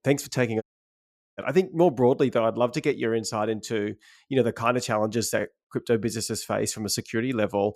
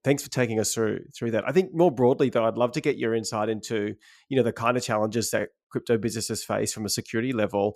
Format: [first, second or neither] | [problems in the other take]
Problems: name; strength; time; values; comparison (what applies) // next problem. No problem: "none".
second | audio cutting out; at 0.5 s for 1 s